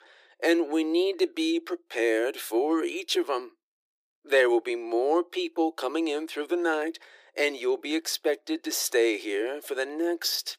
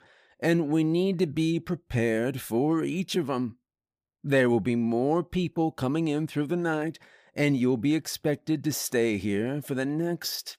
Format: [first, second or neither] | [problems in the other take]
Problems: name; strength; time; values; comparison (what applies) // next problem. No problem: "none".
second | thin; very; fading below 350 Hz